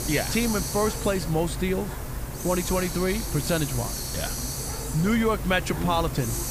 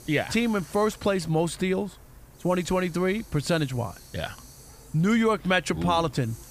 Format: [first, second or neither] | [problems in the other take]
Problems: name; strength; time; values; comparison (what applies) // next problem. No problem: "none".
second | hiss; loud; throughout; 4 dB below the speech; faint in the second